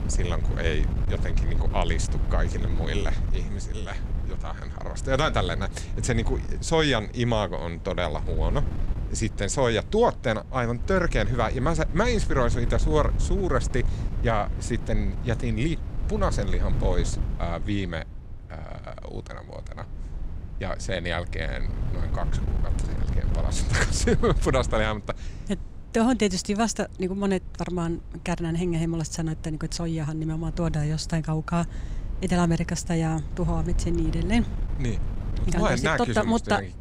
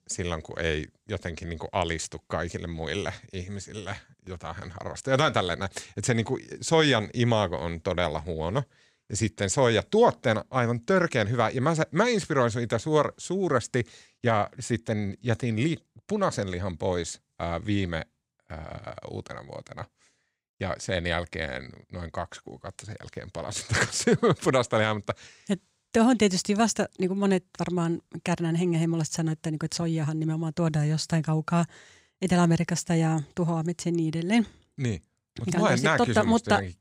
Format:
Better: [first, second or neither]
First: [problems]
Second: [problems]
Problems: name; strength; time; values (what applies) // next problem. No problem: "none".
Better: second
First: wind noise on the microphone; occasional gusts; 15 dB below the speech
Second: none